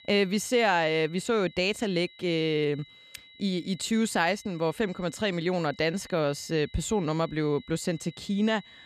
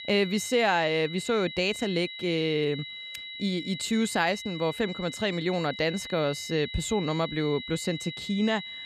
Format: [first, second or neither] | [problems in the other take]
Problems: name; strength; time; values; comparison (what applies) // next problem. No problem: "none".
first | high-pitched whine; loud; throughout; 4 kHz, 9 dB below the speech; faint in the first